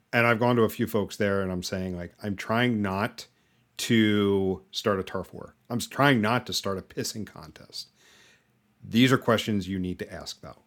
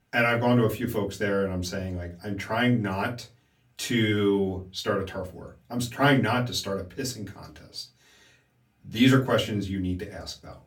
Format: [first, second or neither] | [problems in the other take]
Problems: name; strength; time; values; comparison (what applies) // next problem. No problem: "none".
first | off-mic speech; far // room echo; very slight; dies away in 0.2 s